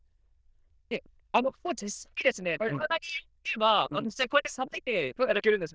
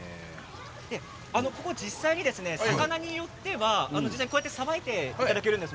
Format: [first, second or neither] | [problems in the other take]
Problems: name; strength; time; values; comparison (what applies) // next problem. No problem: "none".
second | noise reduction (neural diffusion model UNIVERSE++)